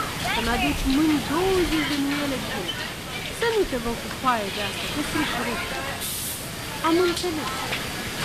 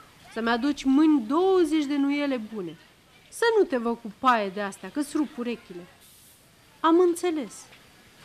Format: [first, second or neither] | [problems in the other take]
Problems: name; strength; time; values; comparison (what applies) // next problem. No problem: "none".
second | hiss; loud; throughout; 2 dB below the speech; faint in the second